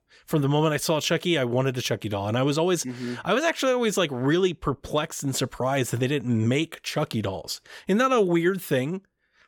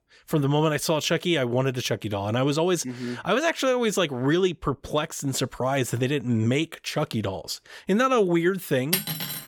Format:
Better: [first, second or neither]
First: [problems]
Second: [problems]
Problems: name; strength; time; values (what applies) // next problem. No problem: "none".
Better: first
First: none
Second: clattering dishes; noticeable; at 9 s; peak 1 dB below the speech